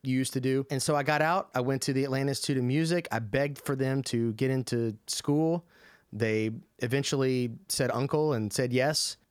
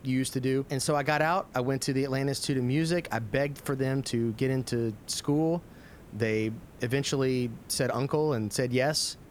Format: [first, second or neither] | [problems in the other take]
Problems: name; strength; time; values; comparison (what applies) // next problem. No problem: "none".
first | hiss; faint; throughout; 25 dB below the speech